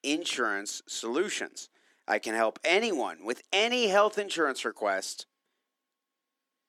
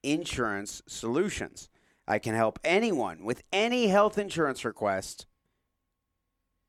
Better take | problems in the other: second | thin; very slightly; fading below 250 Hz

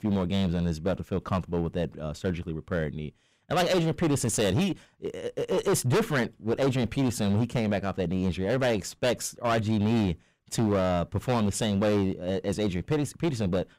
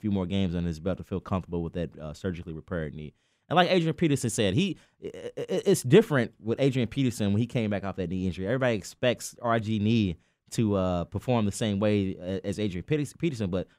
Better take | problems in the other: second | distortion; heavy; 14% of the sound clipped

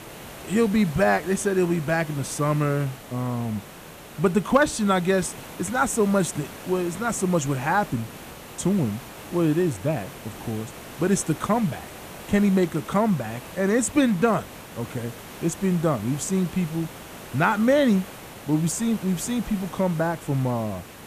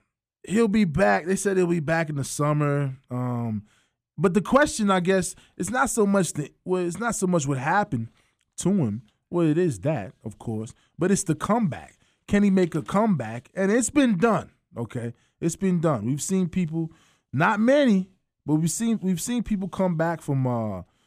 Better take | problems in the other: second | hiss; noticeable; throughout; 15 dB below the speech

